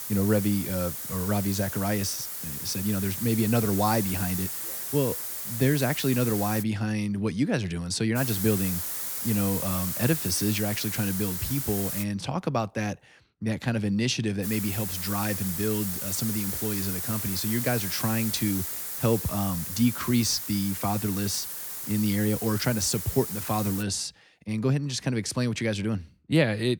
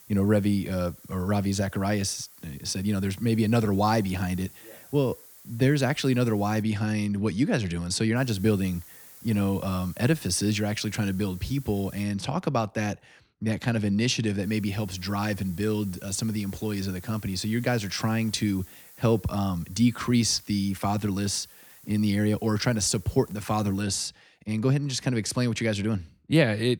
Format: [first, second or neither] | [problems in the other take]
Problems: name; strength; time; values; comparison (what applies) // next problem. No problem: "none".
second | hiss; loud; until 6.5 s, from 8 to 12 s and from 14 to 24 s; 3 dB below the speech; faint in the second